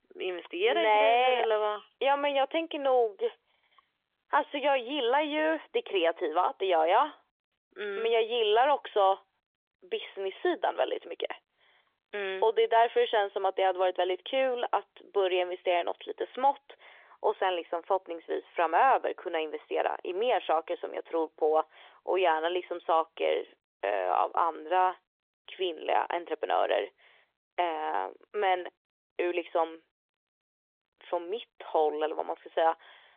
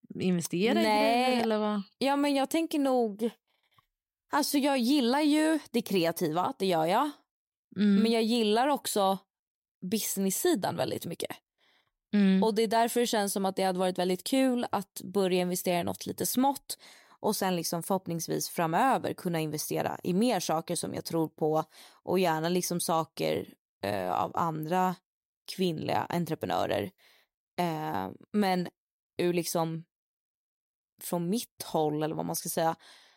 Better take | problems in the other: second | phone-call audio; nothing above 3.5 kHz

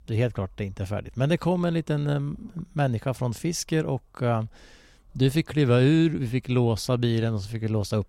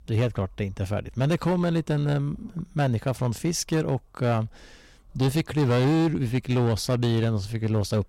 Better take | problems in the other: first | distortion; slight; 10% of the sound clipped

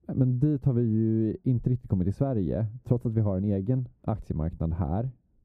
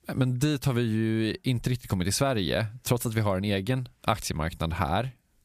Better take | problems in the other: second | muffled; very; fading above 1 kHz

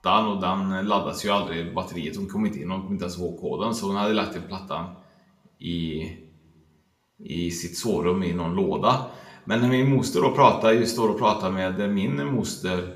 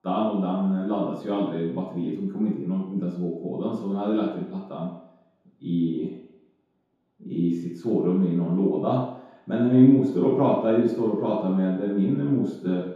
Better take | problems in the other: first | room echo; strong; dies away in 0.8 s; slight in the first // off-mic speech; far

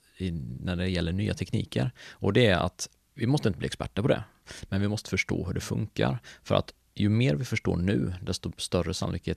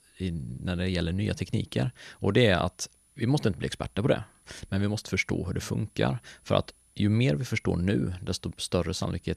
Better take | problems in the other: first | high-pitched whine; faint; throughout; 10 kHz, 35 dB below the speech

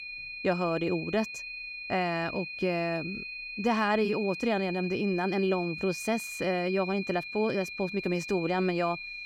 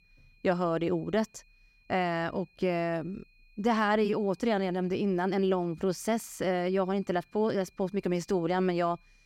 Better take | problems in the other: second | high-pitched whine; loud; throughout; 2.5 kHz, 7 dB below the speech; faint in the second

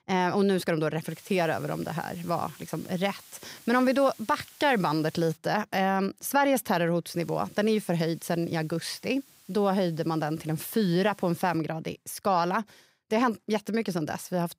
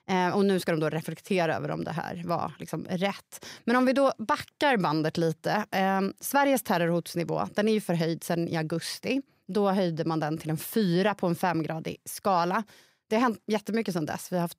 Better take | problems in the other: second | hiss; faint; from 1 to 5.5 s and from 7 to 12 s; 25 dB below the speech

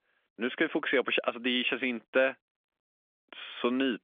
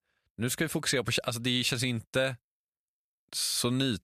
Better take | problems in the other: second | phone-call audio; nothing above 3.5 kHz

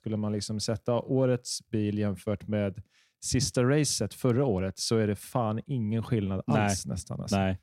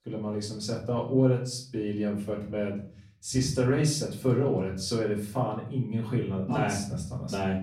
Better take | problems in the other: first | off-mic speech; far // room echo; slight; dies away in 0.4 s

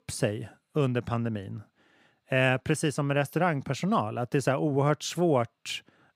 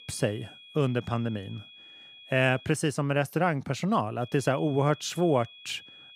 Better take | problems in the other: first | high-pitched whine; noticeable; until 2.5 s and from 4 s on; 3.5 kHz, 20 dB below the speech

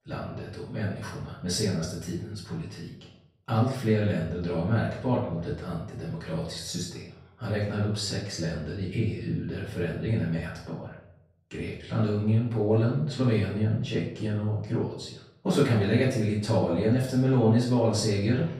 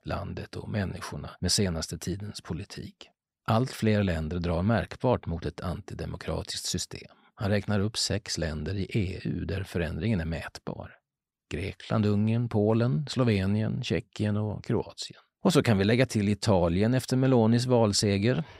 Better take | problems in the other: second | room echo; noticeable; dies away in 0.6 s // off-mic speech; far

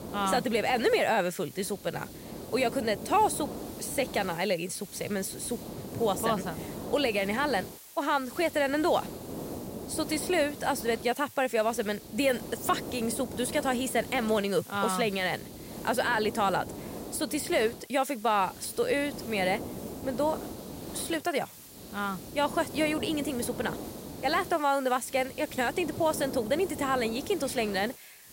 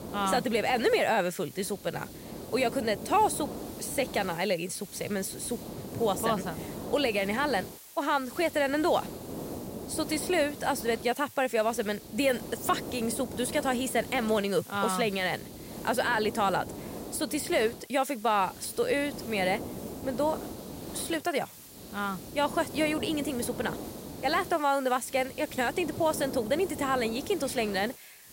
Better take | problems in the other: neither | hiss; noticeable; throughout; 10 dB below the speech; the same in both

